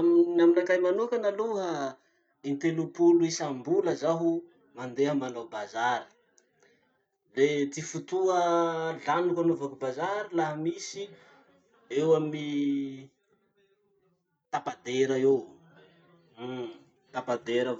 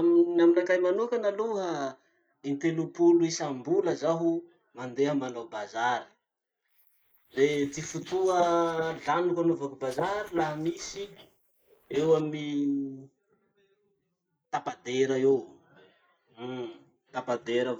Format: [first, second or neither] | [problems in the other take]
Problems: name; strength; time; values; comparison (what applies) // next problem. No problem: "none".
first | noise reduction (neural mask model Resemble Enhance denoiser)